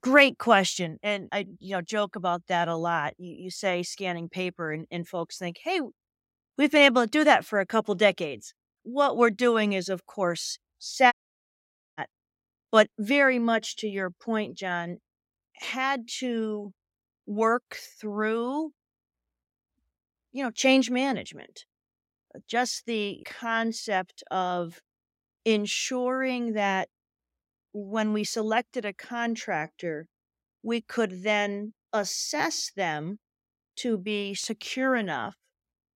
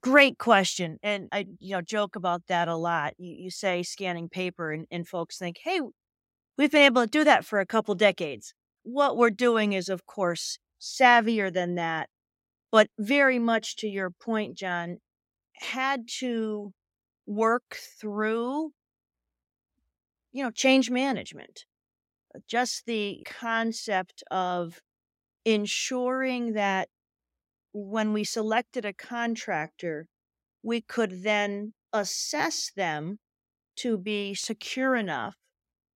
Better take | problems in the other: second | audio cutting out; at 11 s for 1 s

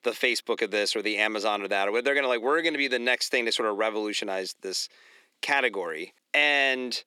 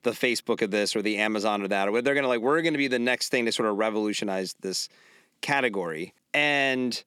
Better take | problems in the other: second | thin; somewhat; fading below 400 Hz

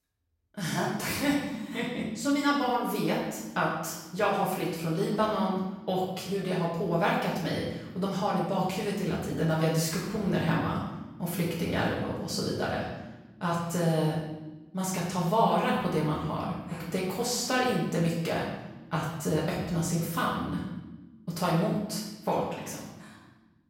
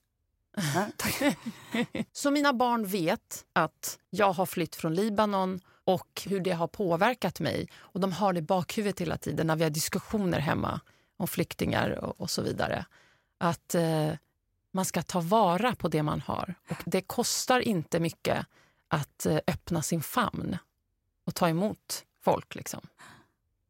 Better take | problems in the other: second | off-mic speech; far // room echo; noticeable; dies away in 0.9 s

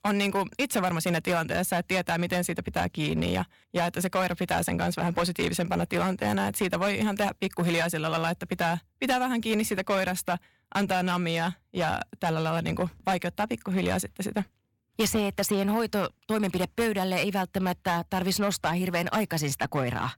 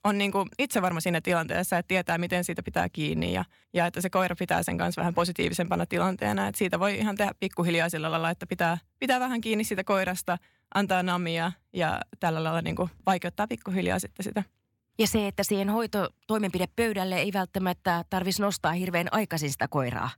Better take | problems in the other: second | distortion; slight; 10% of the sound clipped

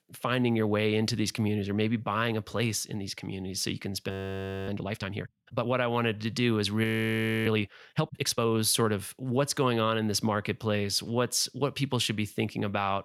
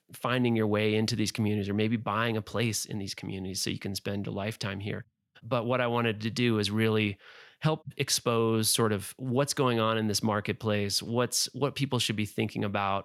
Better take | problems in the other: second | audio freezing; at 4 s for 0.5 s and at 7 s for 0.5 s

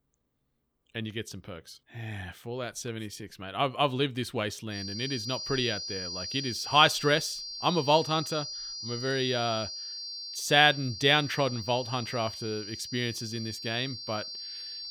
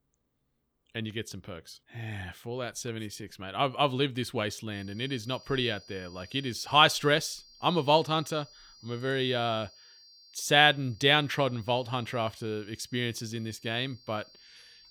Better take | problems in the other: second | high-pitched whine; loud; from 4.5 s on; 5 kHz, 8 dB below the speech; faint in the second

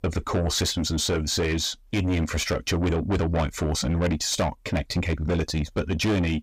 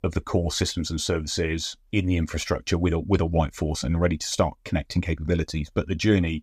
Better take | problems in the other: second | distortion; heavy; 7 dB below the speech

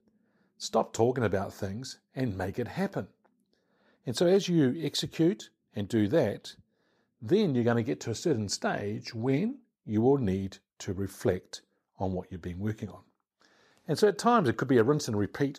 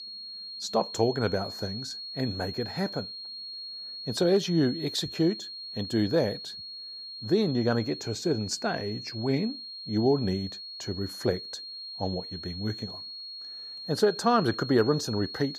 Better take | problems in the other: first | high-pitched whine; loud; throughout; 4.5 kHz, 9 dB below the speech

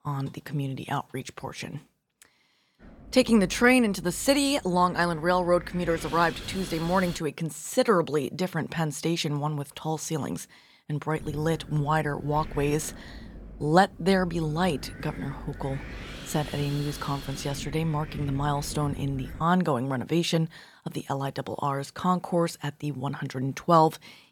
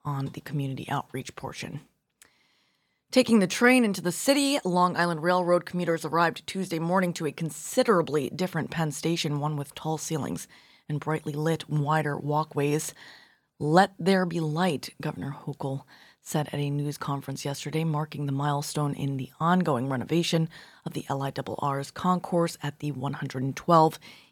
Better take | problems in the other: second | wind noise on the microphone; occasional gusts; from 3 to 7 s and from 11 to 19 s; 15 dB below the speech

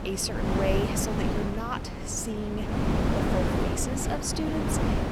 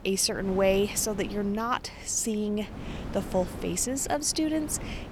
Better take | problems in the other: second | wind noise on the microphone; heavy; 1 dB above the speech; occasional gusts in the second

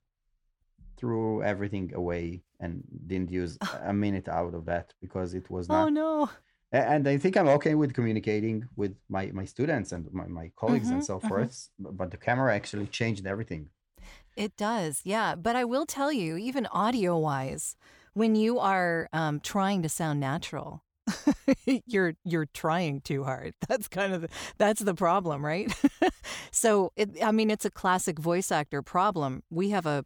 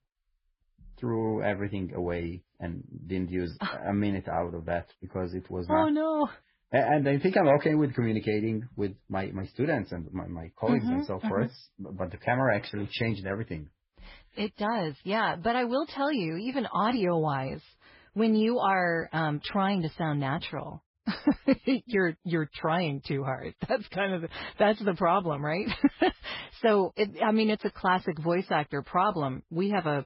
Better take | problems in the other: first | garbled, watery; badly; nothing above 5 kHz

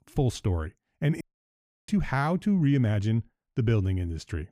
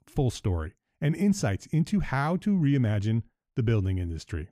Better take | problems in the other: second | audio cutting out; at 1 s for 0.5 s

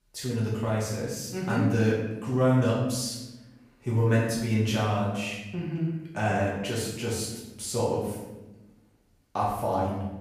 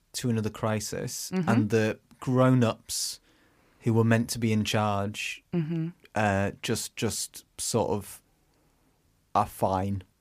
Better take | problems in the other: second | room echo; noticeable; dies away in 0.9 s // off-mic speech; far

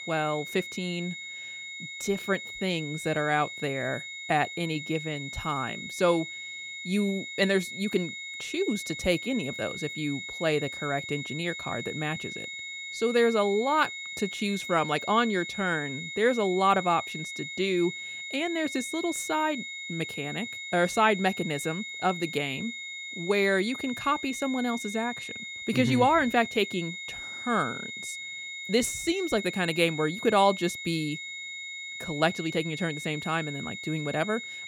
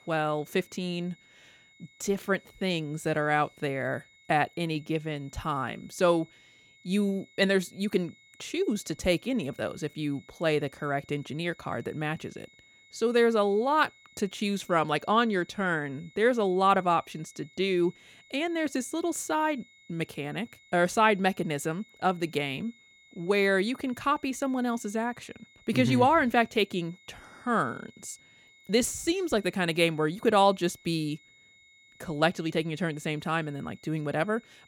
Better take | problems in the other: second | high-pitched whine; loud; throughout; 2 kHz, 8 dB below the speech; faint in the second

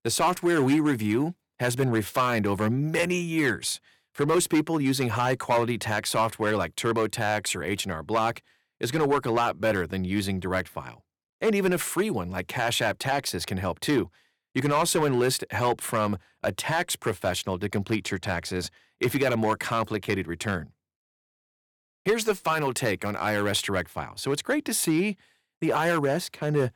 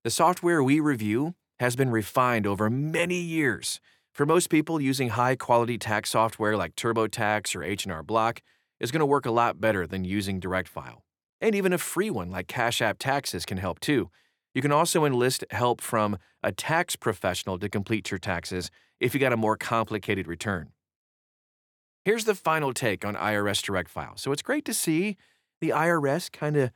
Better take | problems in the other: second | distortion; slight; 3% of the sound clipped

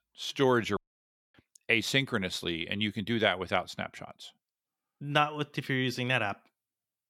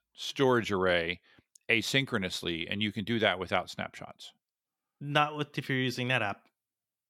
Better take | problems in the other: second | audio cutting out; at 1 s for 0.5 s

